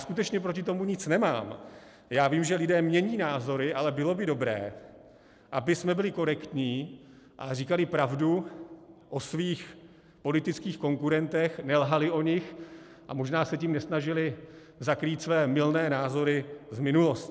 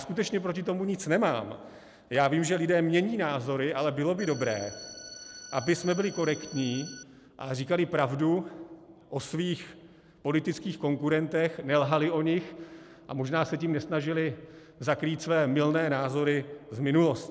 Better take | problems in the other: first | background sound (Organ); 16 dB below the speech

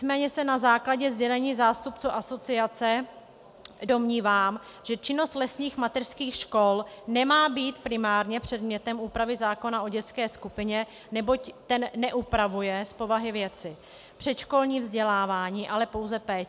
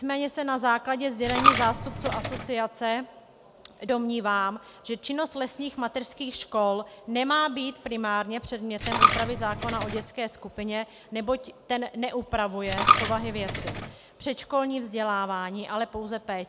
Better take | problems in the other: first | background sound (Coin (dropping)); as loud as the speech

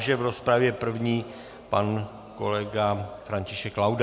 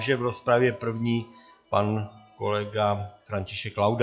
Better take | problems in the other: first | noise reduction (classical method log-MMSE)

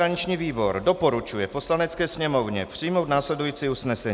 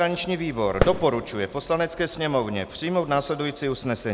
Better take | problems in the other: first | background sound (Fireworks); 6 dB below the speech

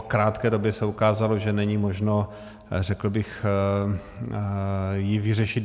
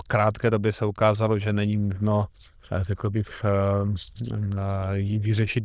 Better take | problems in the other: first | noise reduction (neural diffusion model UNIVERSE++)

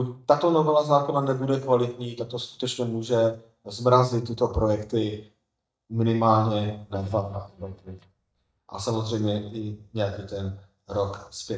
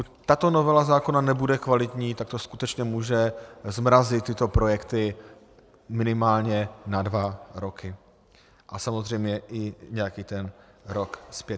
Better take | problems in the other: second | noise reduction (neural mask model DeepFilterNet 3)

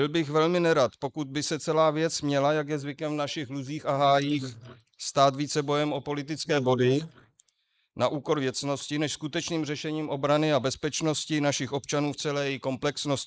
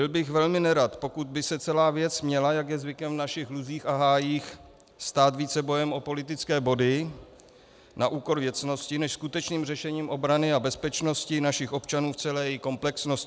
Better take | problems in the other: second | noise reduction (neural mask model Resemble Enhance denoiser)

